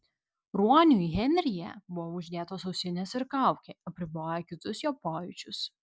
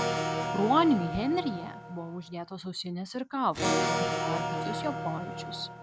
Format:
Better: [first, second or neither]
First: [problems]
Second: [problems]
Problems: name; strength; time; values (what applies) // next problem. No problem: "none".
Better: first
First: none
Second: background sound (Electric guitar / Acoustic guitar); 1 dB below the speech